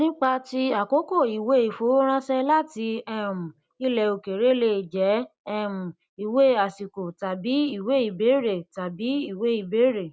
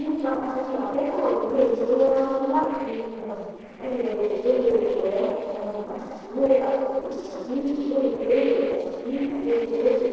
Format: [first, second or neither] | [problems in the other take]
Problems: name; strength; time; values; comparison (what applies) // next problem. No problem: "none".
first | noise reduction (neural separator model SepFormer DNS4)